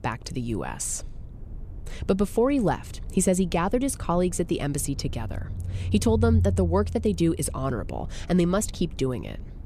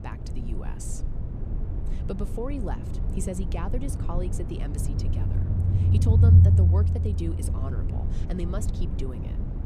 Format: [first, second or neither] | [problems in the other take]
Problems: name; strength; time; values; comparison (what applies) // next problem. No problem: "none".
first | low rumble; loud; throughout; as loud as the speech; faint in the first